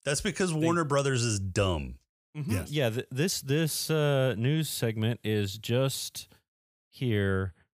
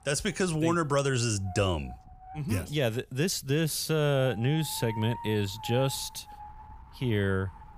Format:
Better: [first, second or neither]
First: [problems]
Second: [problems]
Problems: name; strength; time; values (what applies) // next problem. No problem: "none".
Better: first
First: none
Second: wind noise on the microphone; occasional gusts; 10 dB below the speech